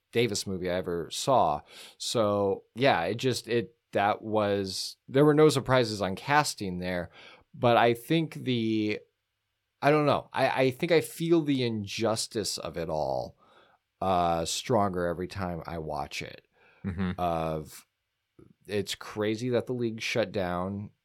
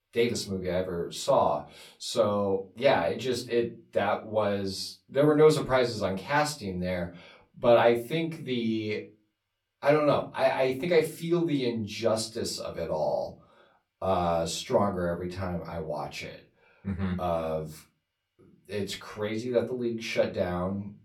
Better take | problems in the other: first | off-mic speech; far // room echo; very slight; dies away in 0.2 s

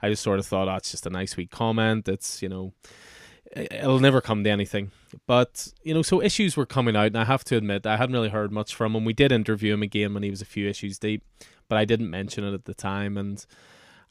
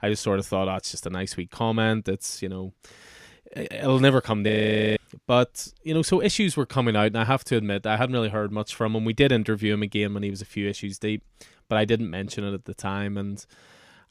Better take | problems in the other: first | audio freezing; at 4.5 s

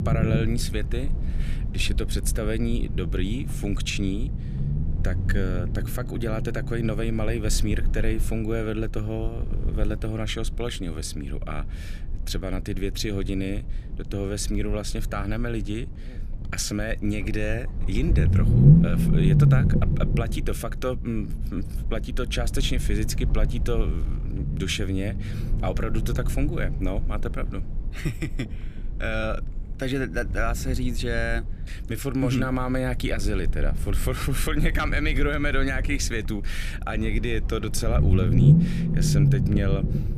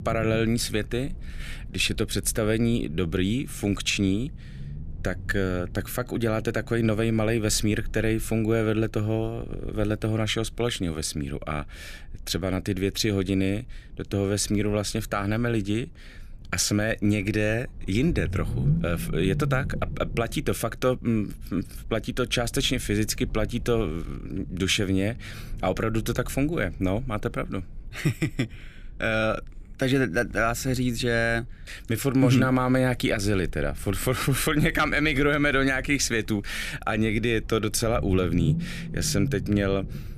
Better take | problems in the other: second | low rumble; loud; throughout; 5 dB below the speech; faint in the second

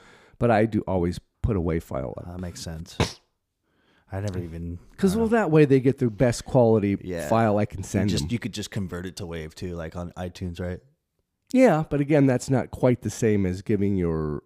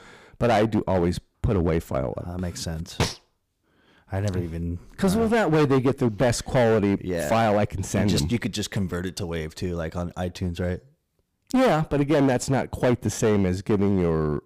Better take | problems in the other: first | distortion; heavy; 11% of the sound clipped

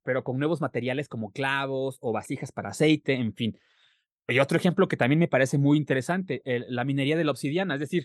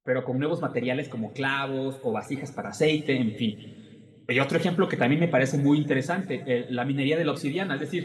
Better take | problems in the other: first | room echo; slight; dies away in 2 s

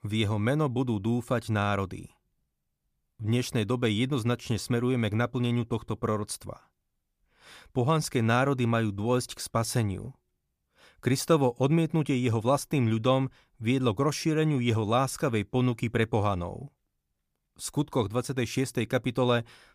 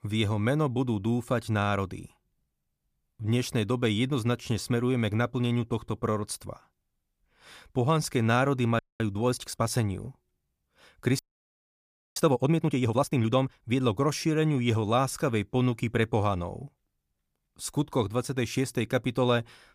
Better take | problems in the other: first | audio freezing; at 9 s and at 11 s for 1 s

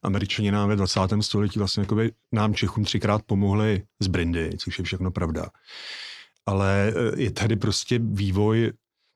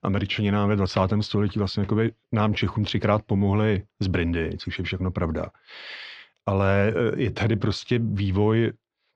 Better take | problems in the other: first | muffled; slightly; fading above 3 kHz

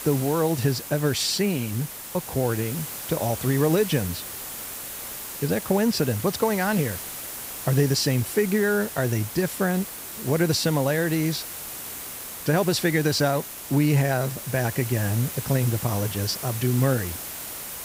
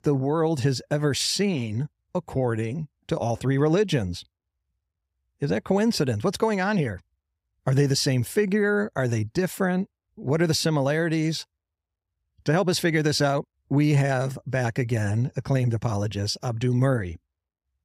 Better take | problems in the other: second | hiss; loud; throughout; 8 dB below the speech

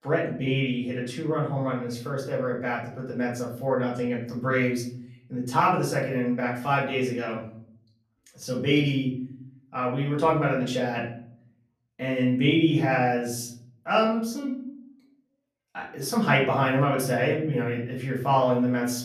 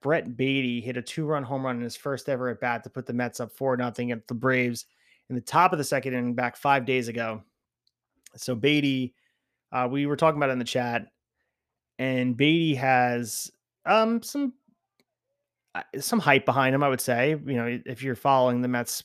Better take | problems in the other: second | off-mic speech; far // room echo; slight; dies away in 0.7 s

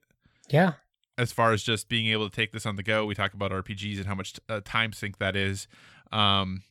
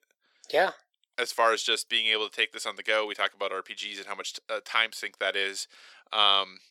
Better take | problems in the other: first | thin; very; fading below 400 Hz

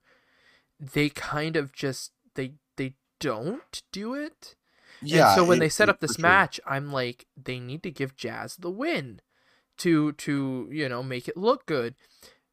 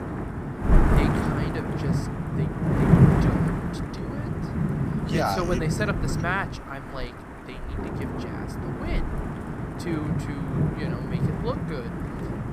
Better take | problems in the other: first | wind noise on the microphone; heavy; 1 dB above the speech

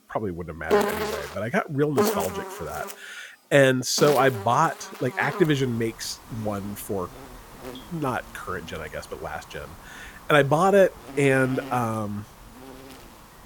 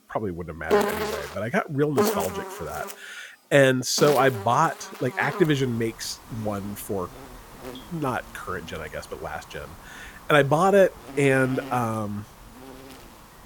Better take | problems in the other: neither | animal sounds; loud; throughout; 7 dB below the speech; the same in both

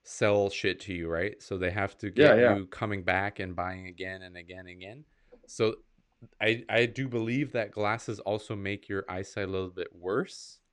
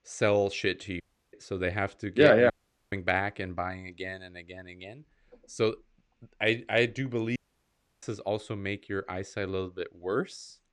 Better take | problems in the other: first | audio cutting out; at 1 s, at 2.5 s and at 7.5 s for 0.5 s

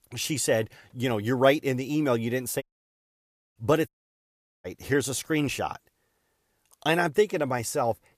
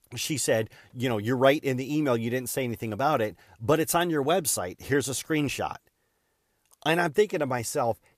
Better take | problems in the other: second | audio cutting out; at 2.5 s for 1 s and at 4 s for 1 s

